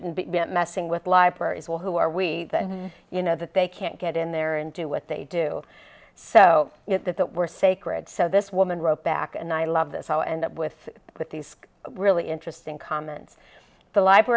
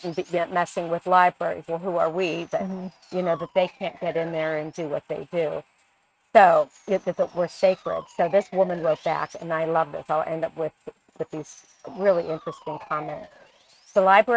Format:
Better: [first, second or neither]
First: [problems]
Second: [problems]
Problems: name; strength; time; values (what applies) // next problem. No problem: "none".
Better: first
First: none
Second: noise reduction (neural mask model RNNoise)